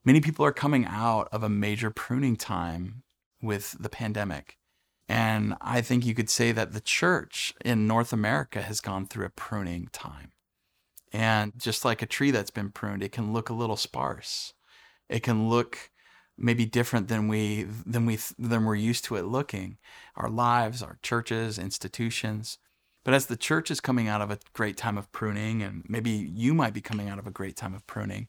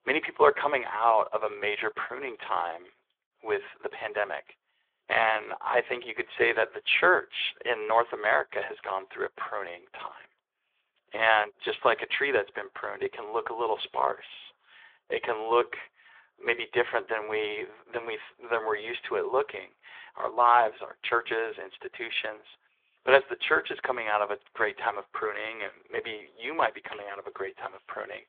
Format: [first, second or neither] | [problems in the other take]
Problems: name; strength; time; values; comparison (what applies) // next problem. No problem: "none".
first | phone-call audio; nothing above 3.5 kHz